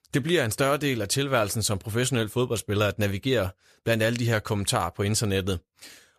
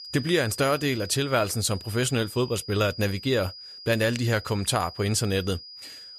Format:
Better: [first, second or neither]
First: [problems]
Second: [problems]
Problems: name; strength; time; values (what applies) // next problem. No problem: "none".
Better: first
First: none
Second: high-pitched whine; noticeable; throughout; 5 kHz, 15 dB below the speech